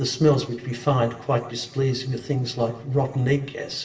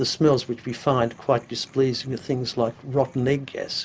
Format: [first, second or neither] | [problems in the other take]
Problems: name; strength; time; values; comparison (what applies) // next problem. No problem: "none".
second | room echo; dies away in 0.7 s